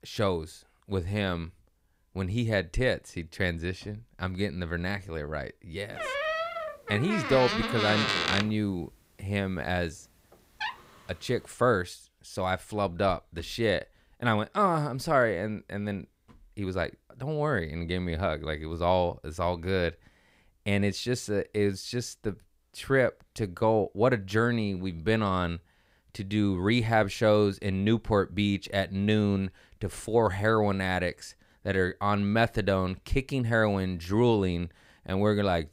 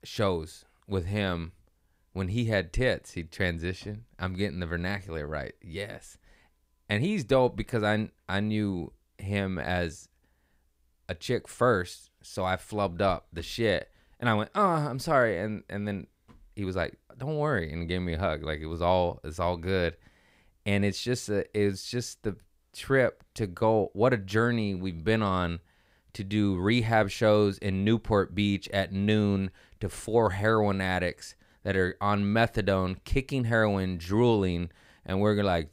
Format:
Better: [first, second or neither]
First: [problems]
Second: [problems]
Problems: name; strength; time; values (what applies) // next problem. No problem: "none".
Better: second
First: door banging; loud; from 6 to 11 s; peak 3 dB above the speech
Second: none